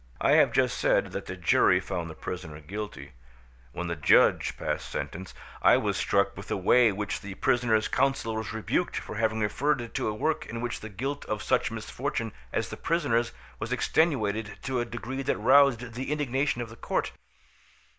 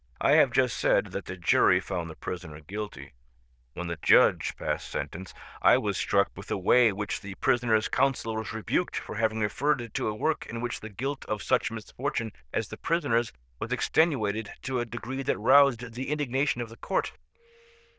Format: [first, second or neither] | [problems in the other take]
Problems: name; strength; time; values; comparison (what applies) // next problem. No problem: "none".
first | noise reduction (neural diffusion model UNIVERSE++)